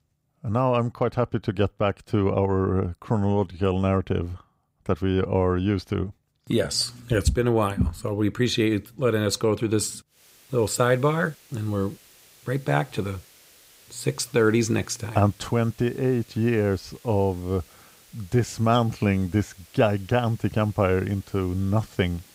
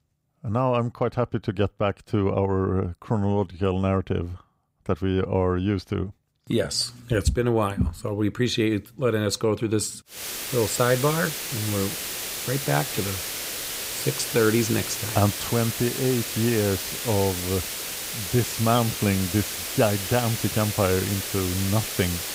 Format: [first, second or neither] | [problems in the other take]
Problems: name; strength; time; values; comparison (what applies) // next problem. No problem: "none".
first | hiss; loud; from 10 s on; 4 dB below the speech; faint in the first